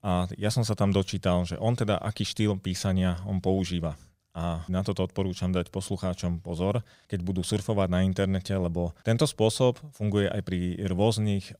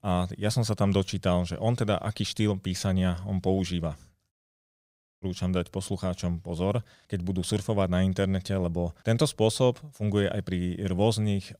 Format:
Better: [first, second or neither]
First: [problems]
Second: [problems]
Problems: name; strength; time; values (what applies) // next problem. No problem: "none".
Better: first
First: none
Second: audio cutting out; at 4.5 s for 1 s